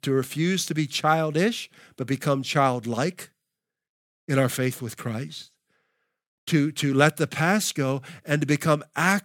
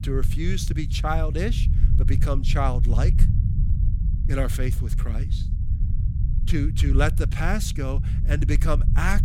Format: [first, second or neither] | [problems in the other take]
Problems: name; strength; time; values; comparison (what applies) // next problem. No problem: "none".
first | low rumble; noticeable; throughout; 10 dB below the speech